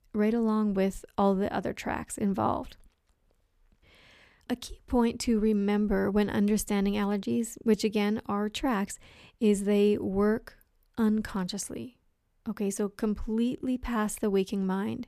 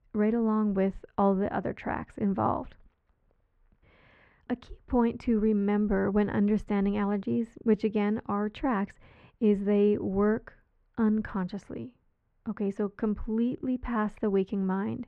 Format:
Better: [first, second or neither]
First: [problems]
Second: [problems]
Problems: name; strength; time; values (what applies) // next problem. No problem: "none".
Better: first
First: none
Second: muffled; very; fading above 1.5 kHz